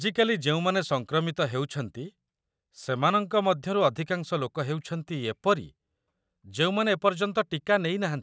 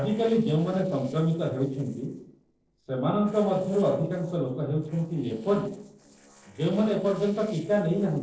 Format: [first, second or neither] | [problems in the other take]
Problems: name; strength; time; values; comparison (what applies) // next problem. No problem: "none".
first | noise reduction (neural separator model SepFormer DNS4)